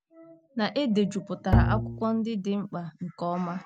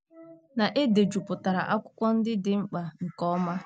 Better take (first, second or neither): second